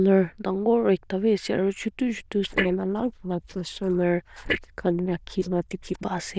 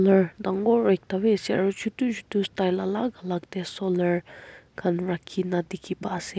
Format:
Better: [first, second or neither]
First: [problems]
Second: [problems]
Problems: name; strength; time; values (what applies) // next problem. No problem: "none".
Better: second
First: noise reduction (neural diffusion model UNIVERSE++)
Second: none